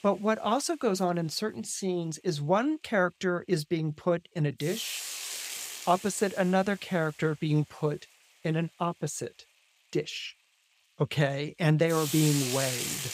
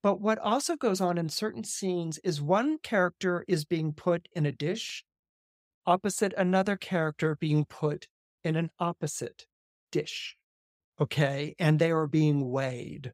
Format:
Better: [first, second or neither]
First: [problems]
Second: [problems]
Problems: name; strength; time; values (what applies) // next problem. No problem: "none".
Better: second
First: hiss; loud; throughout; 5 dB below the speech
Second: none